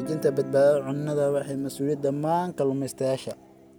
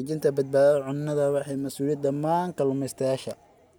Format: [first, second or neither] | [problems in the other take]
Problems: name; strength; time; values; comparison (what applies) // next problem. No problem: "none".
second | background sound (Guitar); 15 dB below the speech